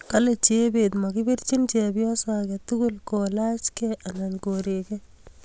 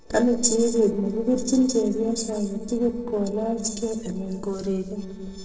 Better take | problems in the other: first | noise reduction (neural separator model SepFormer DNS4)

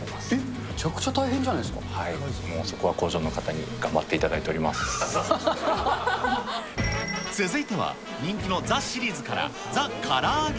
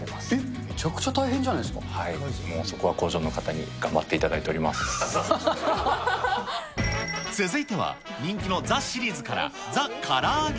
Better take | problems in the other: second | background sound (Insect); 14 dB below the speech

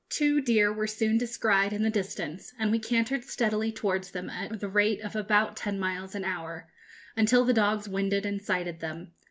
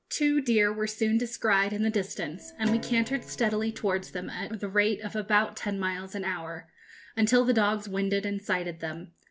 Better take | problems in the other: first | background sound (Guitar); 14 dB below the speech

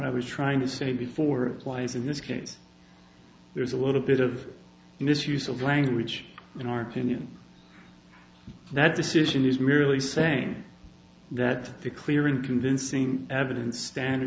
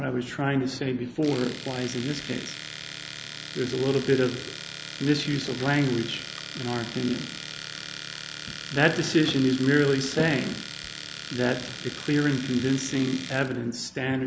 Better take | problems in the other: first | background sound (Domestic sounds, home sounds); 12 dB below the speech

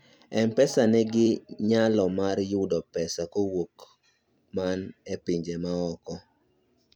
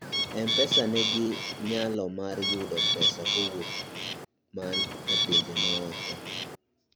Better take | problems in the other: first | background sound (Bird); 4 dB above the speech

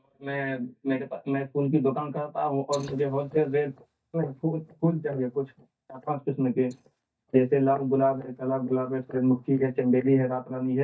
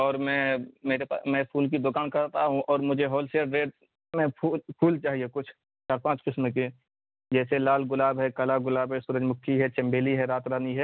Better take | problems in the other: second | noise reduction (neural mask model DeepFilterNet 3)

